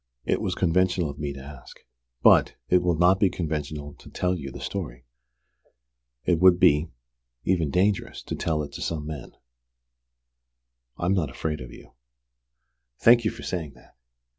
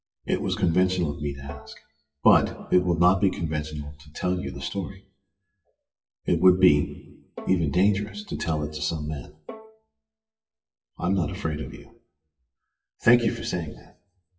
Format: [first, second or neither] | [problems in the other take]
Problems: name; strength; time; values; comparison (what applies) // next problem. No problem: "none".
first | noise reduction (classical method WPE with log-MMSE)